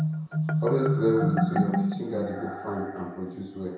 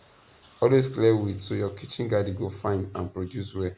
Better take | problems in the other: second | background sound (Marimba, xylophone); 2 dB above the speech // room echo; dies away in 0.7 s

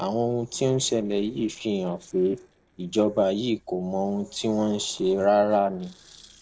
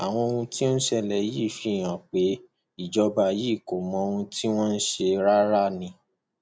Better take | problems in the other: second | noise reduction (neural separator model SepFormer DNS4)

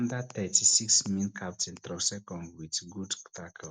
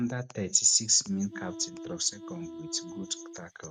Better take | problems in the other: first | noise reduction (neural mask model RNNoise)

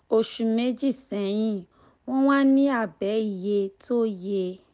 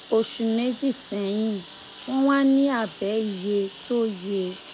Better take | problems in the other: first | background sound (Engine); 19 dB below the speech

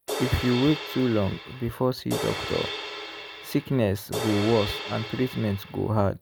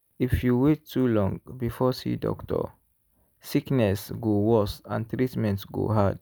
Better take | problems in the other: second | background sound (Crash cymbal); 8 dB below the speech

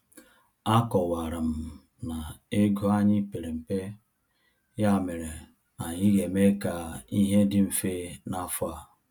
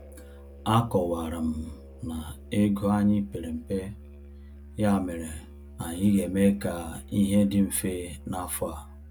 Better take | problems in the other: first | background sound (Musical instrument); 17 dB below the speech

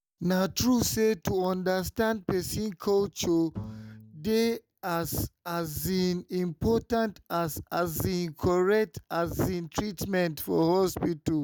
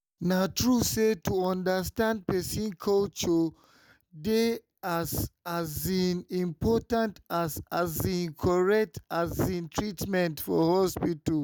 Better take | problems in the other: second | background sound (Bowed string instrument); 16 dB below the speech

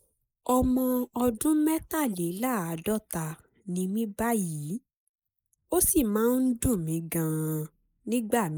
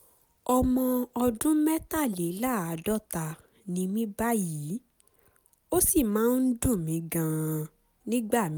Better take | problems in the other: second | noise reduction (neural mask model Resemble Enhance denoiser)

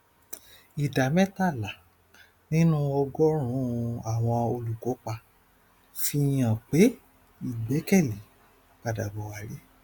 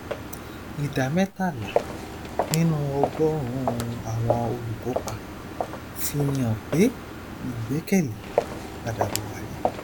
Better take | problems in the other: first | background sound (Walk, footsteps); 4 dB below the speech

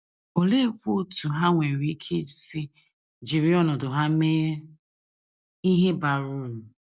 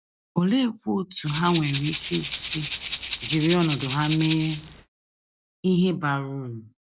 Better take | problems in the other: first | background sound (Rattle (instrument)); 7 dB below the speech

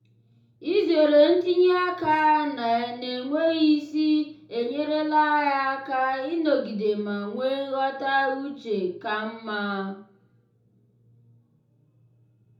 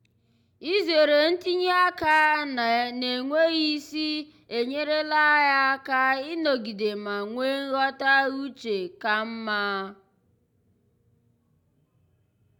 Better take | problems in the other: second | room echo; dies away in 1 s

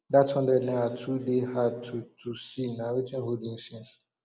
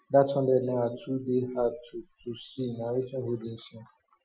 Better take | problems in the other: first | noise reduction (classical method Wiener filter)

